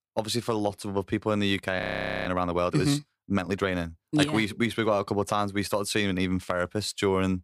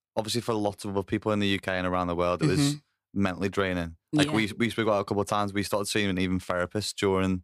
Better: second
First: audio freezing; at 2 s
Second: none

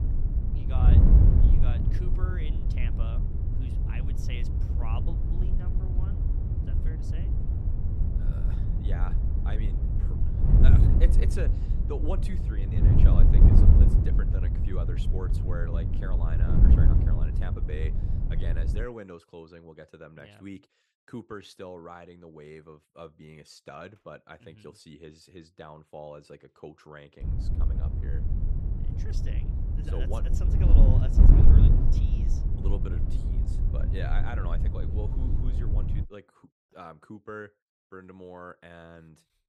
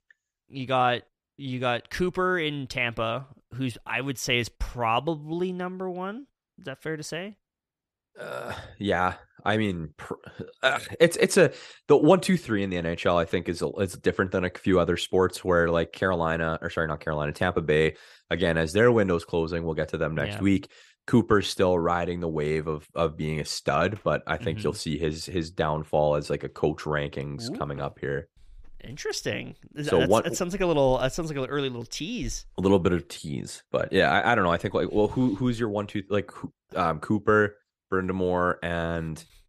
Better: second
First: wind noise on the microphone; heavy; until 19 s and from 27 to 36 s; 3 dB above the speech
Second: none

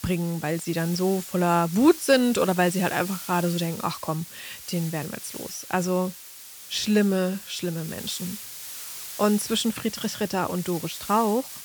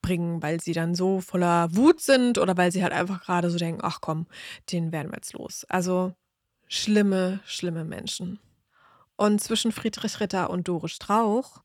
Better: second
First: hiss; noticeable; throughout; 10 dB below the speech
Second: none

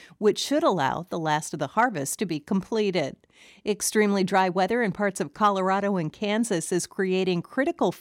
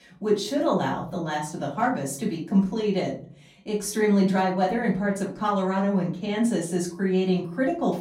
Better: first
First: none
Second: room echo; slight; dies away in 0.6 s // off-mic speech; far

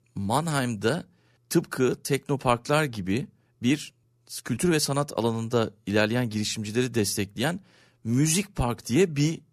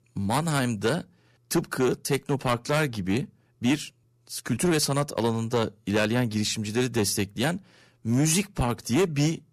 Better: first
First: none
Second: distortion; slight; 5% of the sound clipped

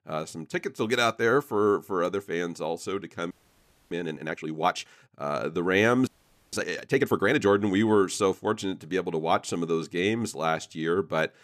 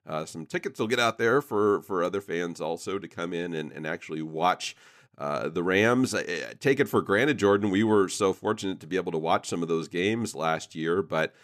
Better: second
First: audio freezing; at 3.5 s for 0.5 s and at 6 s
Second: none

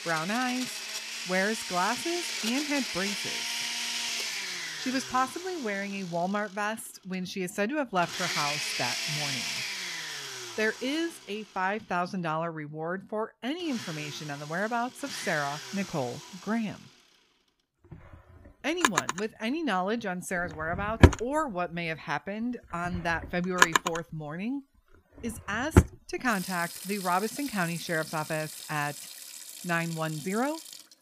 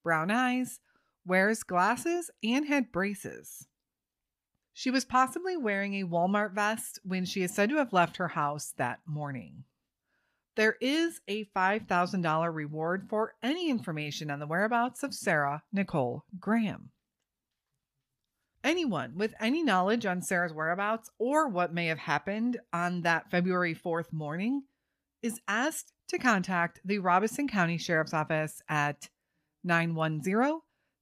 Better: second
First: household noises; very loud; throughout; 1 dB above the speech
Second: none

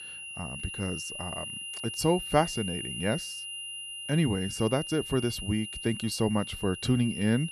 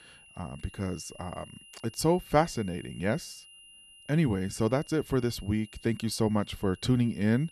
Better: second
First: high-pitched whine; loud; throughout; 3 kHz, 7 dB below the speech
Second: high-pitched whine; faint; throughout; 3 kHz, 20 dB below the speech

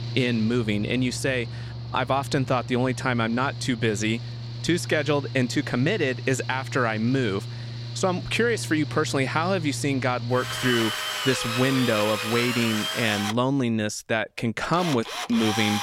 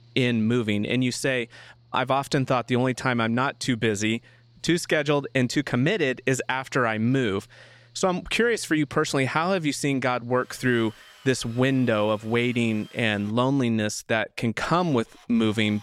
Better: second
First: machinery noise; loud; throughout; 6 dB below the speech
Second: machinery noise; faint; throughout; 30 dB below the speech

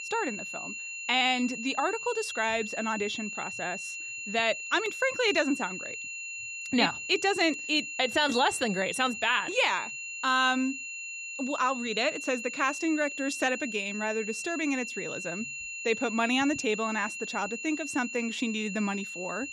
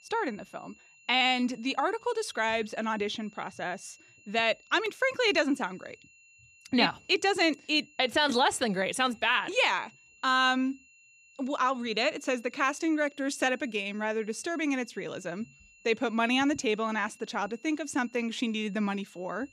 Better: second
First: high-pitched whine; loud; throughout; 2.5 kHz, 7 dB below the speech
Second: high-pitched whine; faint; throughout; 2.5 kHz, 30 dB below the speech

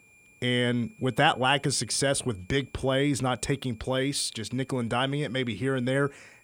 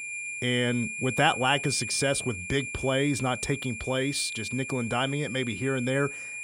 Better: first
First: high-pitched whine; faint; throughout; 2.5 kHz, 30 dB below the speech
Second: high-pitched whine; loud; throughout; 2.5 kHz, 6 dB below the speech

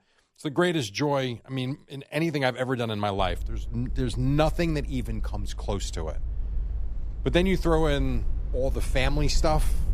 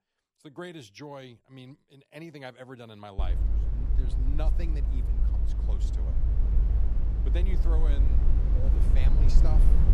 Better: first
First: low rumble; faint; from 3 s on; 25 dB below the speech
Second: low rumble; loud; from 3 s on; 1 dB below the speech

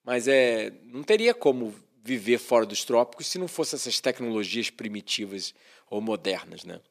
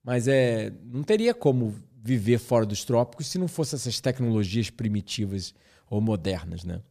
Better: second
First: thin; somewhat; fading below 300 Hz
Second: none

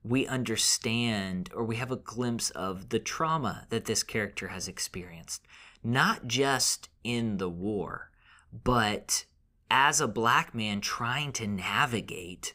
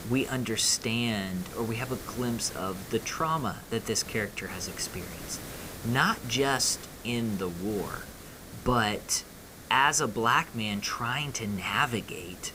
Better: first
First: none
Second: hiss; noticeable; throughout; 15 dB below the speech

